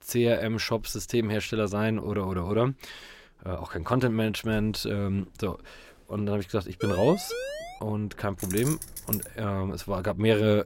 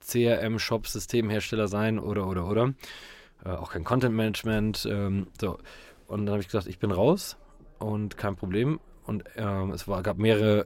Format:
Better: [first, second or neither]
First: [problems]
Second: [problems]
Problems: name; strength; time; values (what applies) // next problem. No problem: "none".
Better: second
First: siren; noticeable; at 7 s; peak 6 dB below the speech // jangling keys; noticeable; at 8.5 s; peak 4 dB below the speech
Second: none